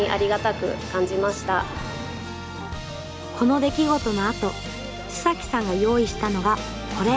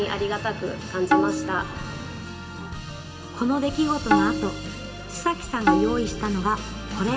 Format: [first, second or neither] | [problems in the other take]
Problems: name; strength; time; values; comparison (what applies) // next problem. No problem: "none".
first | background sound (Tabla); as loud as the speech // room echo; dies away in 1.3 s